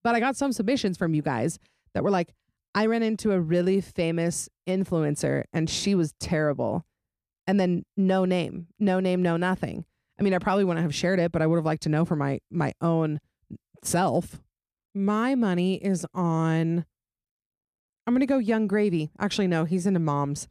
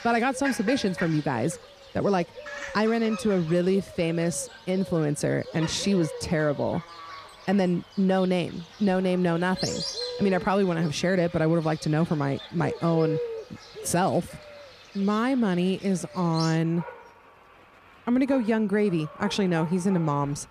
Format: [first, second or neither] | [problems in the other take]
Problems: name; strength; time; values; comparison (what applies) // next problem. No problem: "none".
first | animal sounds; noticeable; throughout; 15 dB below the speech